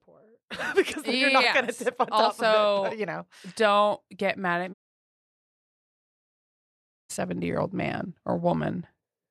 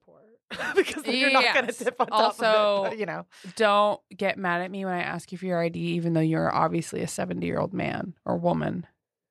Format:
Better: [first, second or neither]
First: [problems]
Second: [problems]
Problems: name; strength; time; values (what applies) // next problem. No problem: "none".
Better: second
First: audio cutting out; at 4.5 s for 2.5 s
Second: none